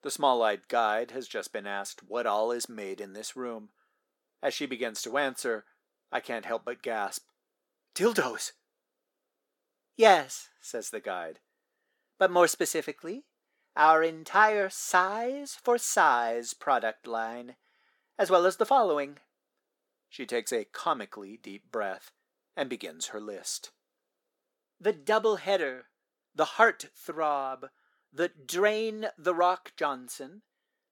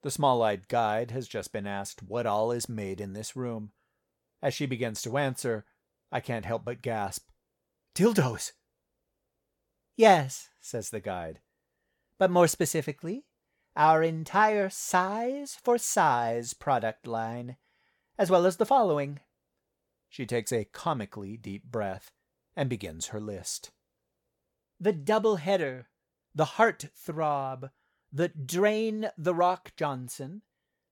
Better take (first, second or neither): second